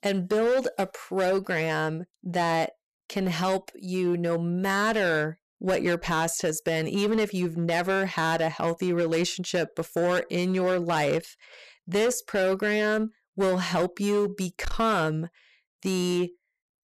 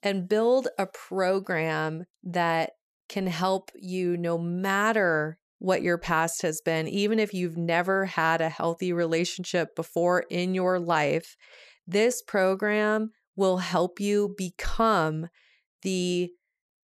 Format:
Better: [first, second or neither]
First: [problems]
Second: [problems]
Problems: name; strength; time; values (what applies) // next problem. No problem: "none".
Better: second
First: distortion; slight; 10% of the sound clipped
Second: none